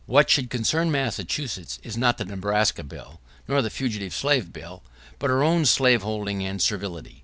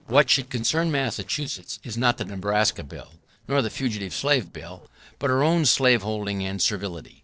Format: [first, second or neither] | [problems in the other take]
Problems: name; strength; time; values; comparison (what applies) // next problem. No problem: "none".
first | noise reduction (neural separator model SepFormer DNS4)